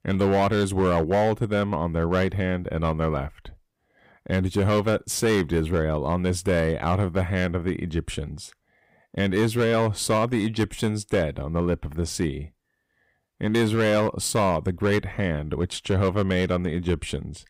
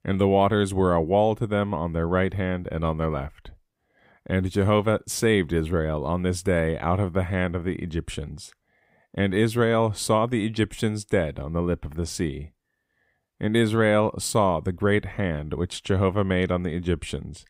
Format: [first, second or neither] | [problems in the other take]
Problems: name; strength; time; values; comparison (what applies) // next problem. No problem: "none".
second | distortion; slight; 7% of the sound clipped